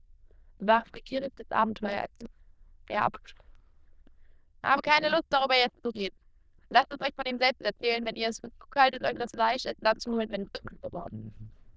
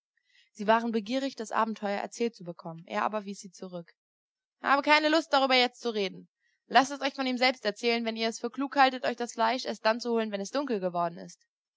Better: second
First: noise reduction (neural diffusion model UNIVERSE++)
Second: none

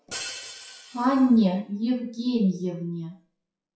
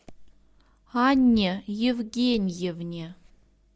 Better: second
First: noise reduction (classical method WPE with log-MMSE)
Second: none

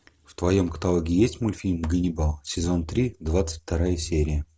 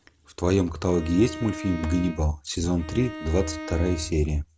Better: first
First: none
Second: background sound (Bowed string instrument); 12 dB below the speech

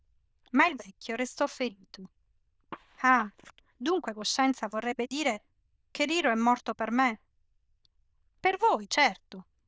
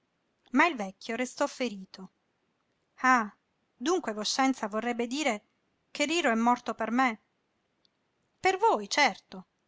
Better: second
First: noise reduction (neural diffusion model UNIVERSE++)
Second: none

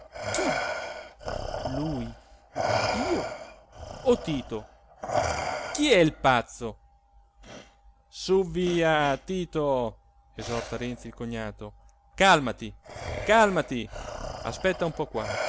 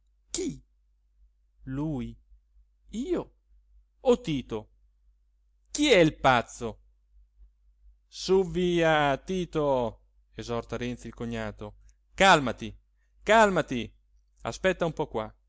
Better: second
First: background sound (Respiratory sounds); 7 dB below the speech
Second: none

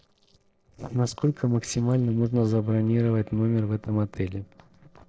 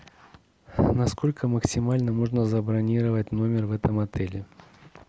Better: second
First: noise reduction (neural separator model SepFormer DNS4)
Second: none

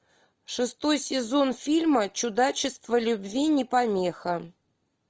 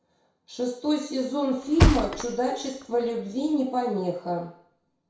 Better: first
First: none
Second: background sound (Thump, thud); 1 dB above the speech // room echo; dies away in 0.6 s

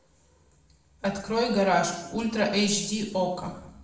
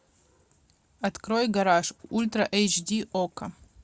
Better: second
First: room echo; dies away in 0.7 s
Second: none

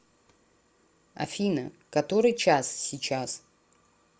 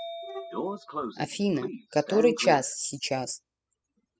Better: first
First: none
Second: noise reduction (classical method spectral subtraction)

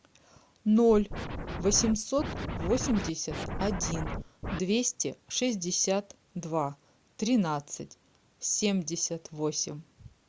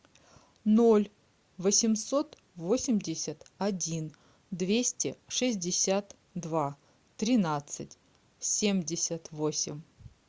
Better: second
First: background sound (Scratching (performance technique)); 5 dB below the speech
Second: none

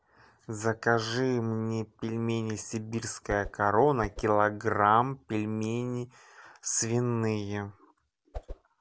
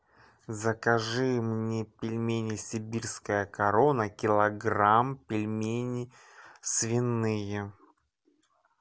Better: second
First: background sound (Whoosh, swoosh, swish); 12 dB below the speech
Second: none

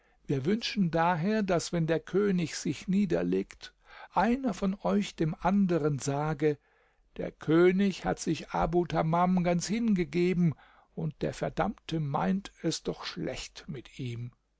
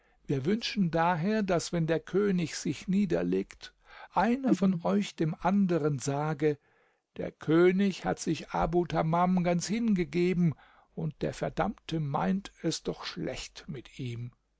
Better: first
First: none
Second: noise reduction (neural mask model Resemble Enhance denoiser)

